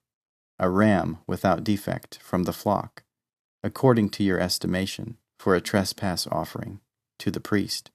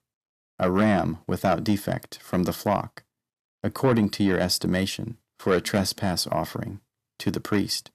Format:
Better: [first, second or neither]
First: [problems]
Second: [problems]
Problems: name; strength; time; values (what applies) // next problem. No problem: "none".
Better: first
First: none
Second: distortion; slight; 10 dB below the speech